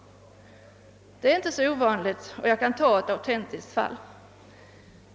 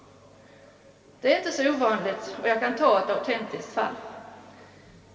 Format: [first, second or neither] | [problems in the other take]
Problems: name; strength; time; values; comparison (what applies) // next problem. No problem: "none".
first | room echo; dies away in 2.4 s